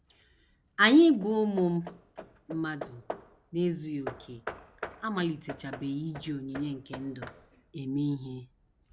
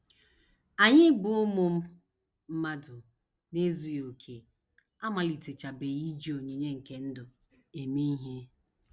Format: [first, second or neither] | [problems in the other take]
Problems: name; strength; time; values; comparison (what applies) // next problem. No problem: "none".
second | background sound (Hammer / Wood); 16 dB below the speech